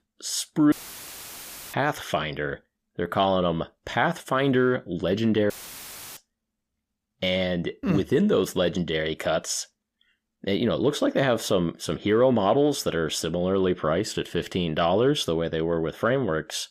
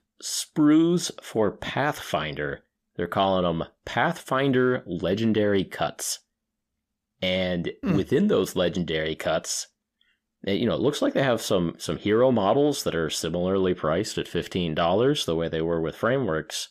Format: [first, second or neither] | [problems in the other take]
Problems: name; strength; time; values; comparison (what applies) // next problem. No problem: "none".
second | audio cutting out; filled with static; at 0.5 s for 1 s and at 5.5 s for 0.5 s